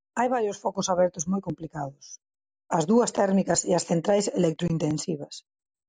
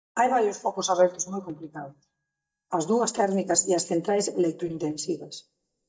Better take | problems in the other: first | noise reduction (neural mask model DeepFilterNet 3)

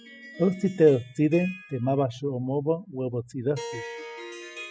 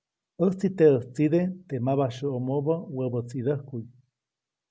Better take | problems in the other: second | noise reduction (classical method spectral subtraction)

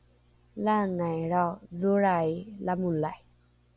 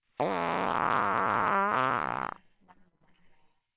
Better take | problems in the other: first | noise reduction (neural separator model SepFormer WHAMR!)

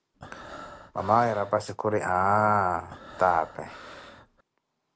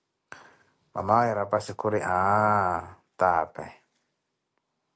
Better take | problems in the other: second | background sound (Breathing); 17 dB below the speech

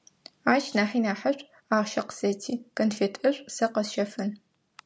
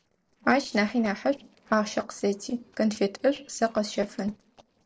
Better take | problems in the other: first | noise reduction (neural separator model SepFormer DNS4)

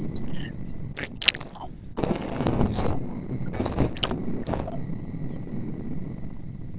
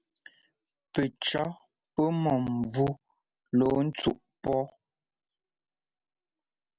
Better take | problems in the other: second | noise reduction (neural separator model SepFormer DNS4)

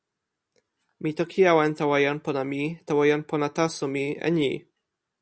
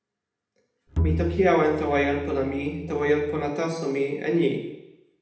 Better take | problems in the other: first | background sound (Bowed string instrument); 5 dB below the speech // room echo; dies away in 0.8 s

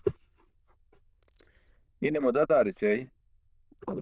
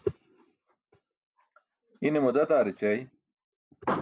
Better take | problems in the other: second | noise reduction (neural diffusion model UNIVERSE++)

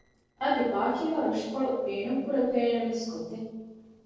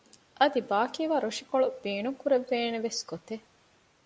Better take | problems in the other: second | noise reduction (neural separator model SepFormer DNS4)

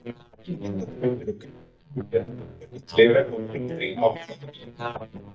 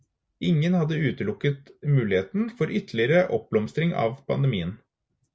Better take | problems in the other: second | noise reduction (neural mask model DeepFilterNet 3)

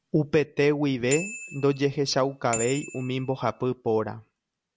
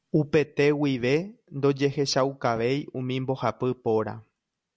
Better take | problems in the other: second | background sound (Bicycle bell); 12 dB below the speech

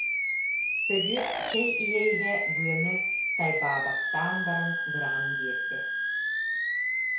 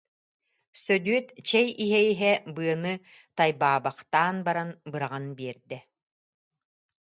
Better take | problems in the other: second | background sound (Animal); 4 dB above the speech // room echo; dies away in 0.6 s

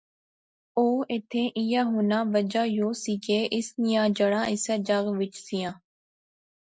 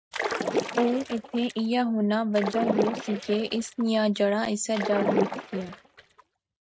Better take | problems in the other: first | noise reduction (neural mask model RNNoise)

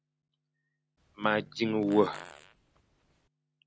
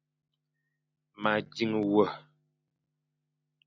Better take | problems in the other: second | background sound (Fart); 19 dB below the speech

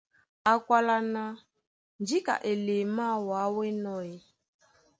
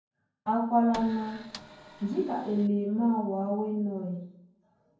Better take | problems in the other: first | background sound (Printer); 16 dB below the speech // room echo; dies away in 0.9 s

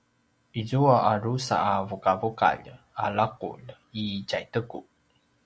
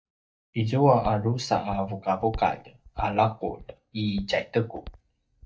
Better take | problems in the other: first | noise reduction (neural mask model DeepFilterNet 3)

